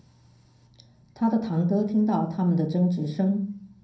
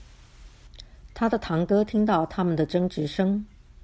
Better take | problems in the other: second | room echo; dies away in 0.5 s

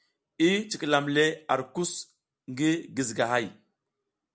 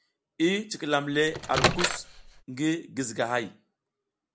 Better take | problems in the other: first | background sound (Microwave oven); 1 dB above the speech

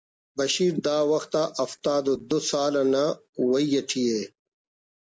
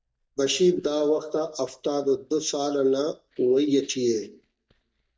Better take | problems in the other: first | noise reduction (neural mask model DeepFilterNet 3)

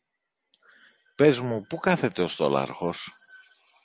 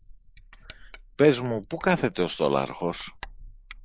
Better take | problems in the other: first | noise reduction (neural mask model Resemble Enhance denoiser)

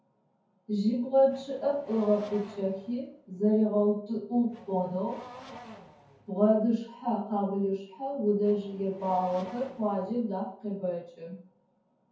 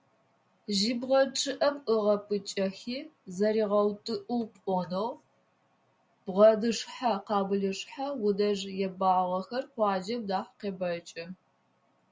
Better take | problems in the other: second | background sound (Race car, auto racing / Accelerating, revving, vroom); 20 dB below the speech // room echo; dies away in 0.6 s

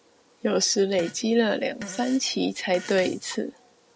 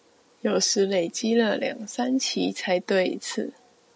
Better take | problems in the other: second | background sound (Fart); 18 dB below the speech

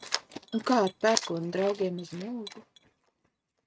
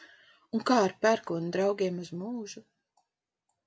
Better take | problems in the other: second | noise reduction (neural mask model RNNoise)

